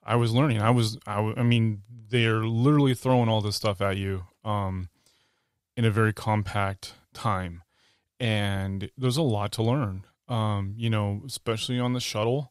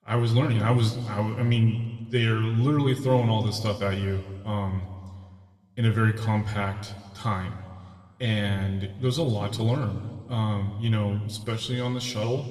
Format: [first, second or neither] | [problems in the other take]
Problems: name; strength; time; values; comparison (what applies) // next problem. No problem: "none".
first | room echo; slight; dies away in 1.5 s